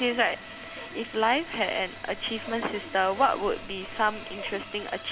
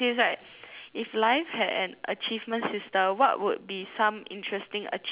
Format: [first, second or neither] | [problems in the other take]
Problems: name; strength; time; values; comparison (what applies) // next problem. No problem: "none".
second | background sound (Sawing); 12 dB below the speech